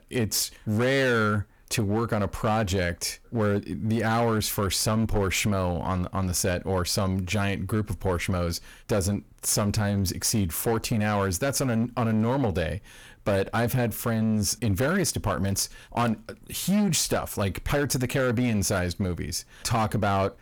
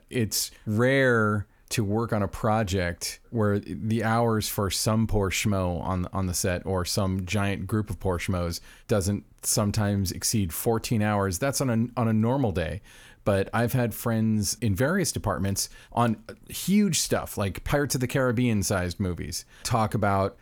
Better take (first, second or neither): second